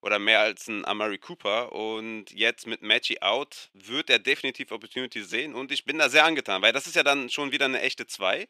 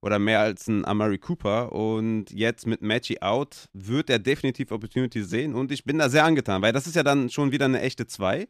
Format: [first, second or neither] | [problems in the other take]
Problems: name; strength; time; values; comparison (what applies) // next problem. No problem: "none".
second | thin; somewhat; fading below 450 Hz